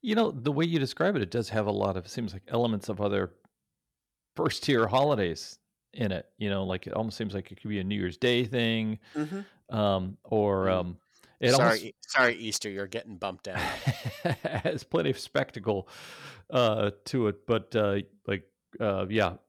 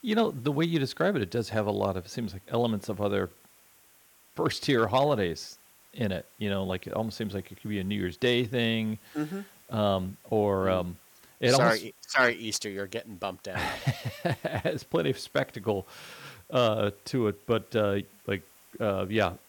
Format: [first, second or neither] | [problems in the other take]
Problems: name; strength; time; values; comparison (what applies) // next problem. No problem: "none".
first | hiss; faint; throughout; 25 dB below the speech